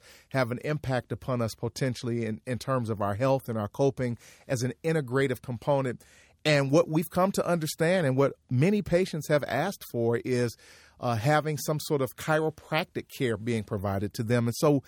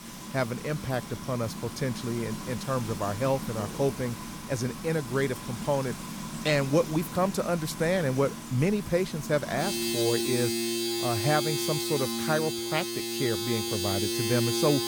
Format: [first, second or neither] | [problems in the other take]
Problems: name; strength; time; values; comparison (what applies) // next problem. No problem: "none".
first | household noises; loud; throughout; 3 dB below the speech